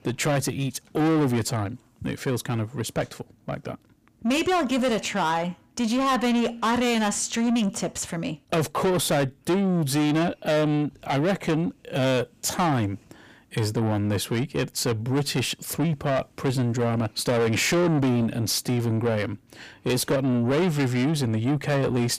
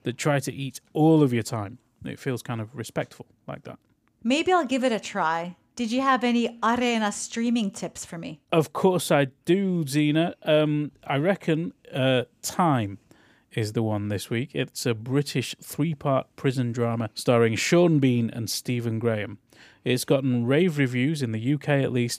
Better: second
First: distortion; heavy; 7 dB below the speech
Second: none

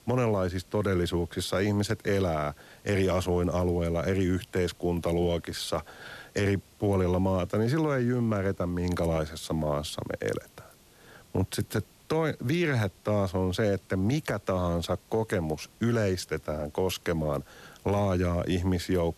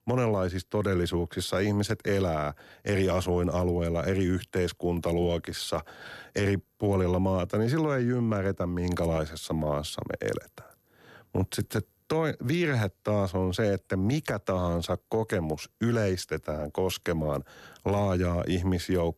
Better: second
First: hiss; faint; throughout; 30 dB below the speech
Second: none

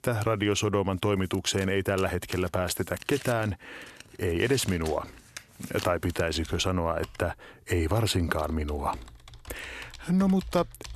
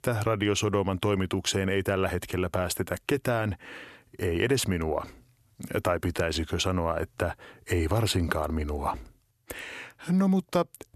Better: second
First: household noises; noticeable; throughout; 20 dB below the speech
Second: none

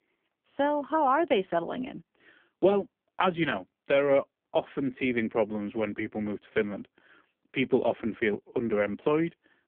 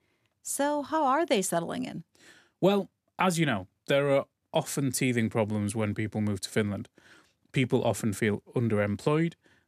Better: second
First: phone-call audio; poor line; nothing above 3.5 kHz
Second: none

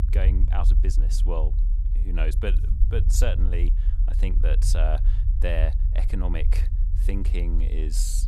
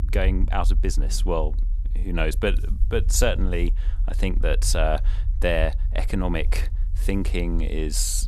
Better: second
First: low rumble; loud; throughout; 10 dB below the speech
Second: low rumble; faint; throughout; 20 dB below the speech

